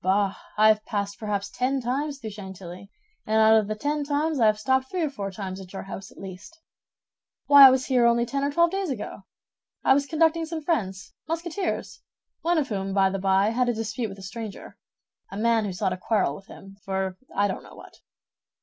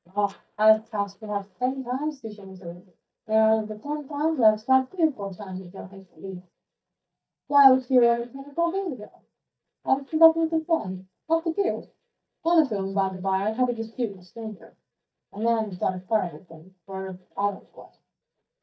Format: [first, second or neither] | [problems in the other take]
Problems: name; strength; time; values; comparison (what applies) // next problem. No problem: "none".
first | noise reduction (neural mask model DeepFilterNet 3)